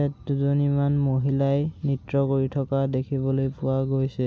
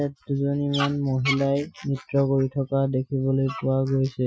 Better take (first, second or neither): first